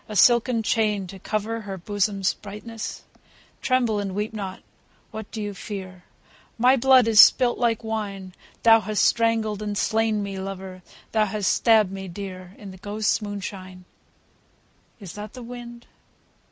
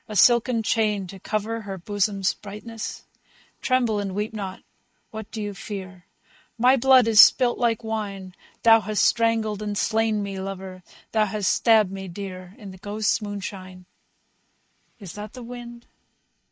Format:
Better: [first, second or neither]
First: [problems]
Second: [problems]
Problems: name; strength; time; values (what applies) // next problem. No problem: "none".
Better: first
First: none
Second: noise reduction (neural mask model Resemble Enhance denoiser)